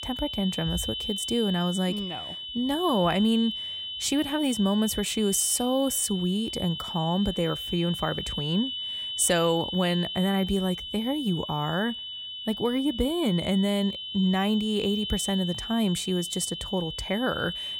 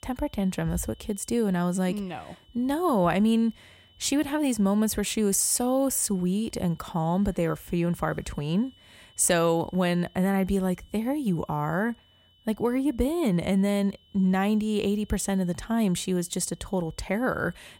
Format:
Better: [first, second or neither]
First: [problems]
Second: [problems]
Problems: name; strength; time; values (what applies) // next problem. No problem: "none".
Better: second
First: high-pitched whine; loud; throughout; 3 kHz, 6 dB below the speech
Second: high-pitched whine; faint; throughout; 3 kHz, 30 dB below the speech